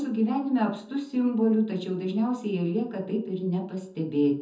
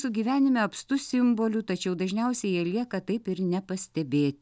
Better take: second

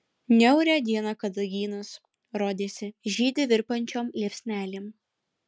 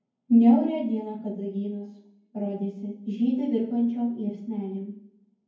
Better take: first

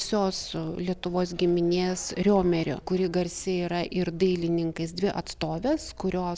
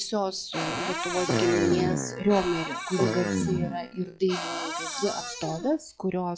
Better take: first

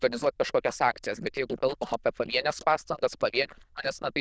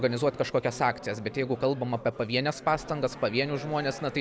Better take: second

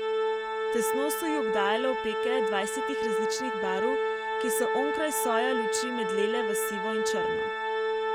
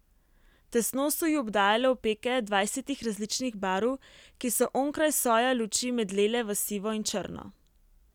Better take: second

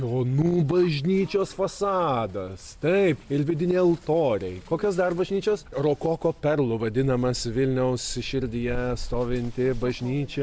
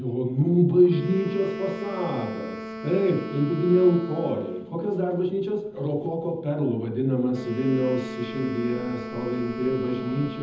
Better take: first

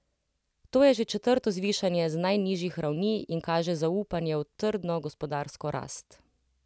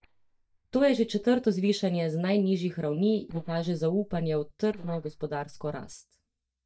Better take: first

